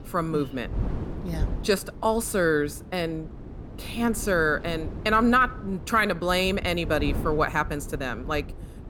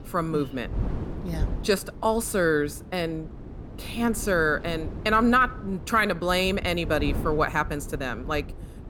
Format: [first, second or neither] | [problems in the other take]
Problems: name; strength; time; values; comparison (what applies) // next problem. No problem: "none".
neither | wind noise on the microphone; occasional gusts; 20 dB below the speech; the same in both